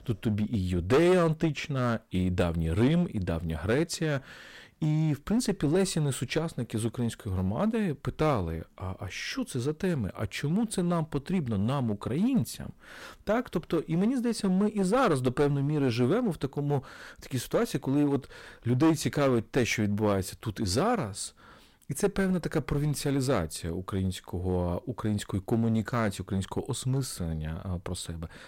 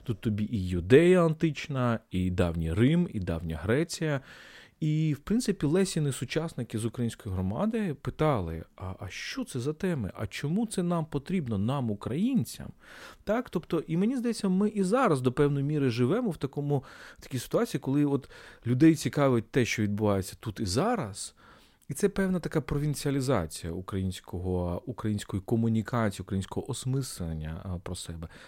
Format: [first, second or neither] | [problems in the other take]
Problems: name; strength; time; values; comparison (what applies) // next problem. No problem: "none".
second | distortion; slight; 6% of the sound clipped